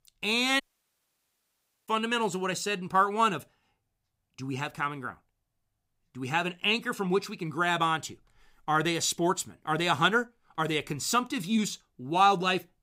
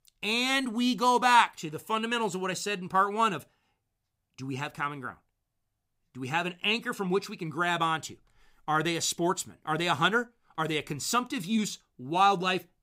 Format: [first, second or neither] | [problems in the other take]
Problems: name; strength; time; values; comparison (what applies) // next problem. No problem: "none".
second | audio cutting out; at 0.5 s for 1.5 s